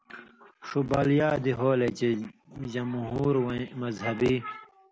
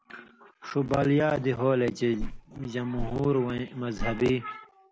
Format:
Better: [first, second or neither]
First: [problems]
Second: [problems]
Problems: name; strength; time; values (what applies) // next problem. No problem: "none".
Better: first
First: none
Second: background sound (Whoosh, swoosh, swish); 7 dB below the speech